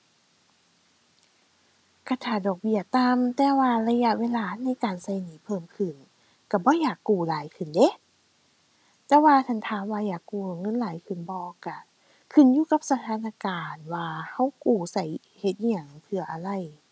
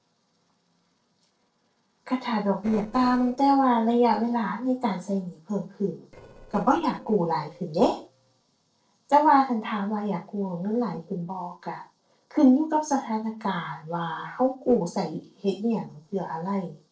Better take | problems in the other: first | noise reduction (neural separator model SepFormer DNS4)

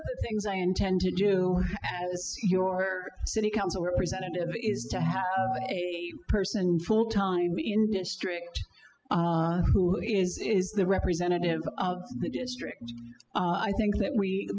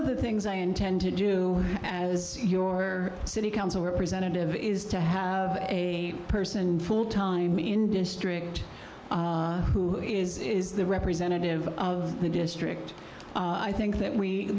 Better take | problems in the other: second | noise reduction (classical method spectral subtraction)

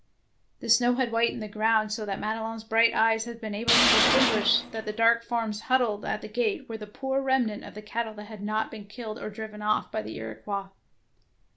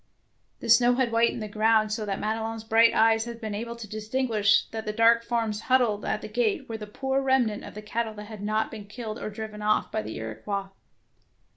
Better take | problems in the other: second | background sound (Tools); 3 dB above the speech

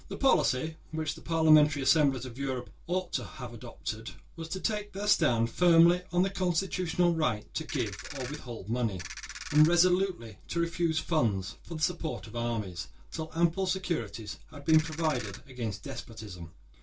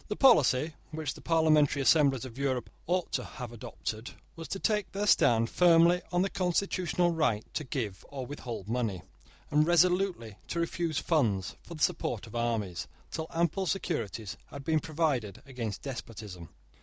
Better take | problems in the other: second | background sound (Ratchet, pawl); 12 dB below the speech // room echo; dies away in 0.2 s

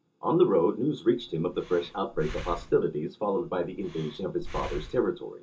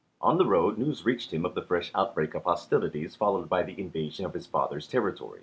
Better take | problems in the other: second | background sound (Breathing); 13 dB below the speech // room echo; dies away in 0.2 s

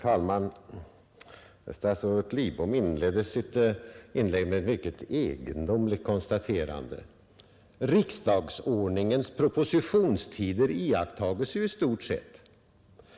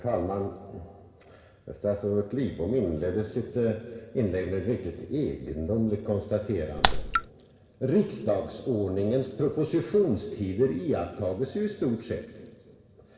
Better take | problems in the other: first | background sound (Raindrop); 4 dB above the speech // room echo; dies away in 2.2 s

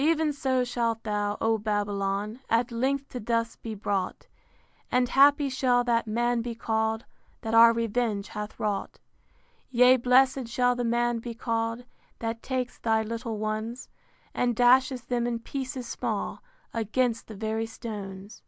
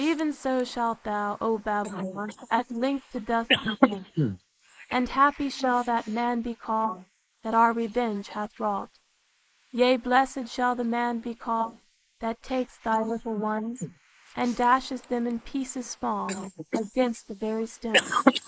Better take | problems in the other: first | noise reduction (neural mask model Resemble Enhance denoiser)

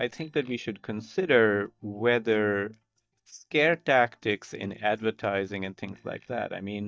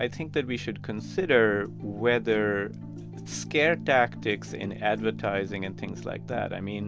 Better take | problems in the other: second | noise reduction (neural mask model DeepFilterNet 3)

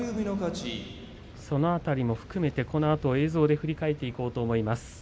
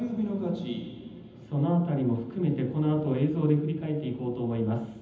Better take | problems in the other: first | room echo; dies away in 0.8 s

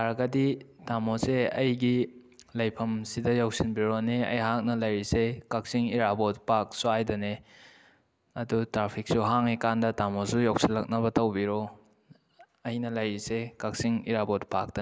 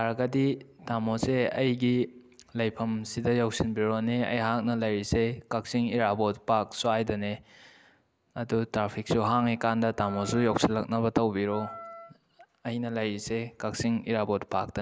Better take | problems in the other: first | background sound (Wind instrument, woodwind instrument); 17 dB below the speech

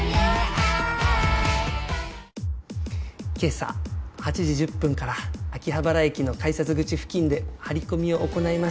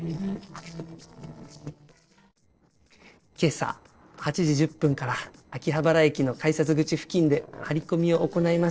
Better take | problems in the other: first | noise reduction (neural separator model SepFormer DNS4)

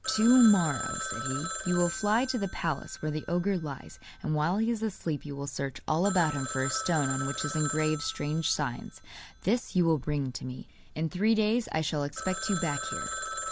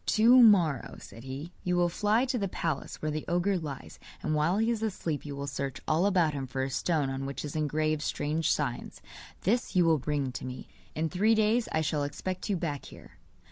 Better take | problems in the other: second | background sound (Telephone); 10 dB below the speech

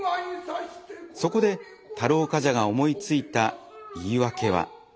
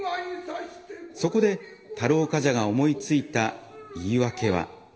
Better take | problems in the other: first | room echo; dies away in 1.3 s

